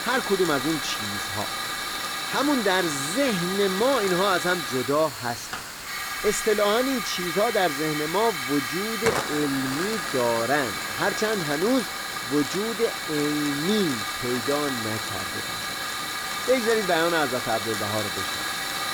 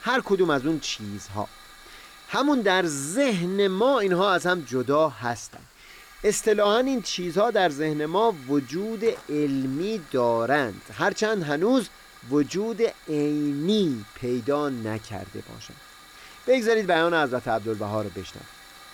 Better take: second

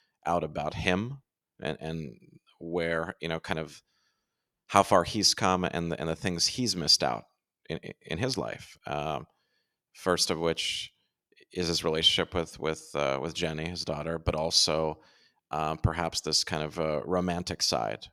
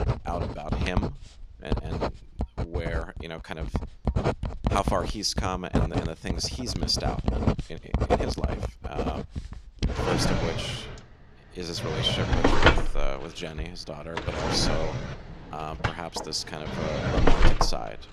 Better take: first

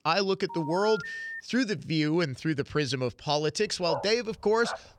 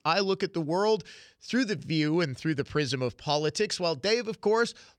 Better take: second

